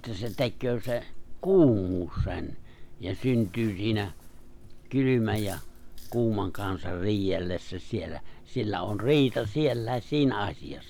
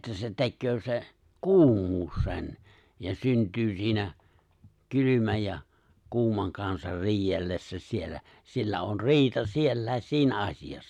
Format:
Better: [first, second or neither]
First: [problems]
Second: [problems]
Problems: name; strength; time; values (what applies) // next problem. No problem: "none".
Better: second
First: background sound (Chewing, mastication); 11 dB below the speech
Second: none